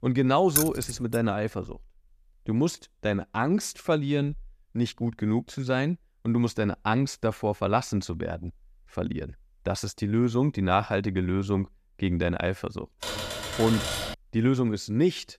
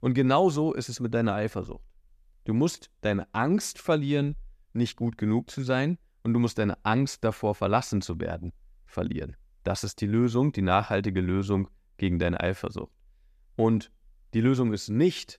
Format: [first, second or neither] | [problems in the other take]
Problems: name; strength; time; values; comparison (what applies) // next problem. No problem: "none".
second | jangling keys; loud; at 0.5 s; peak 2 dB above the speech // keyboard typing; noticeable; from 13 to 14 s; peak 2 dB below the speech